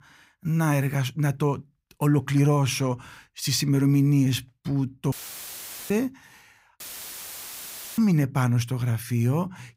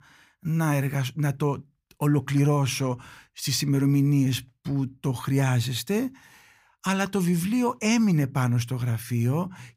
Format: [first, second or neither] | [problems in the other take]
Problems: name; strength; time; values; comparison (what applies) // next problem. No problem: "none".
second | audio cutting out; filled with static; at 5 s for 1 s and at 7 s for 1 s